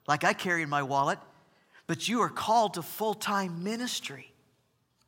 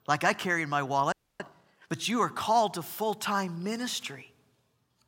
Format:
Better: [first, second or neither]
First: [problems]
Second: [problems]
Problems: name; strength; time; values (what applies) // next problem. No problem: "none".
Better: first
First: none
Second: audio freezing; at 1 s